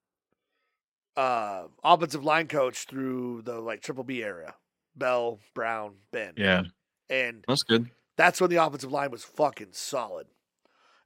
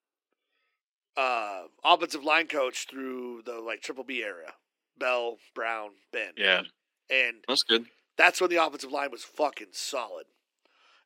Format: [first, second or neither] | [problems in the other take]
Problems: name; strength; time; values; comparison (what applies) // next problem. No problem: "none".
first | thin; very slightly; fading below 300 Hz